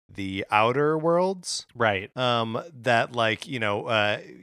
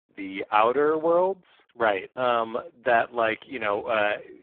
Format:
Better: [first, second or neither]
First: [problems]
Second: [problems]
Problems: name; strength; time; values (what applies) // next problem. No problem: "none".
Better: first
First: none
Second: phone-call audio; poor line